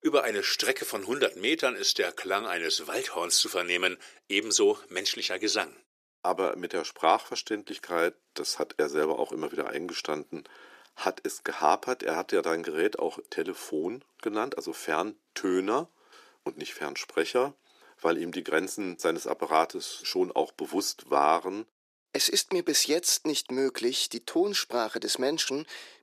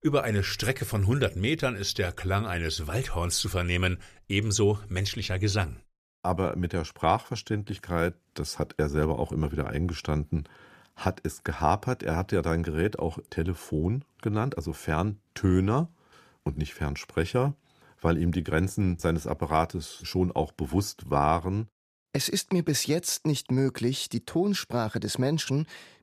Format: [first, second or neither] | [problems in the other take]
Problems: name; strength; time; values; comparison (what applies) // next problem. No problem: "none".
second | thin; somewhat; fading below 350 Hz